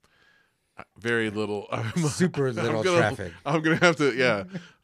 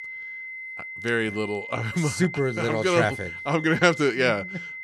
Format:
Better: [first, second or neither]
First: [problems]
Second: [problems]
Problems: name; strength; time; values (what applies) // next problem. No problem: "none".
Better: first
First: none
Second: high-pitched whine; noticeable; throughout; 2 kHz, 10 dB below the speech